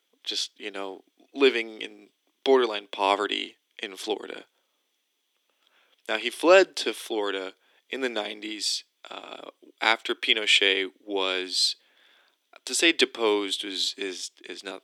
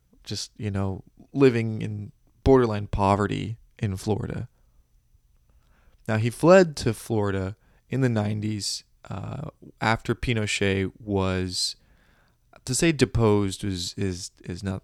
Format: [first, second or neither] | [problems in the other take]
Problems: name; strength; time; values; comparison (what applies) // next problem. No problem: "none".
second | thin; somewhat; fading below 300 Hz